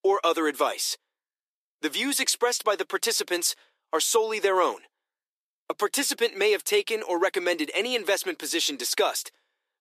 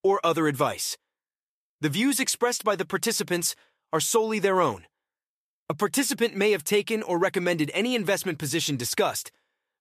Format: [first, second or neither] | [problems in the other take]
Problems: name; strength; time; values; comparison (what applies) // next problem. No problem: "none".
second | thin; somewhat; fading below 300 Hz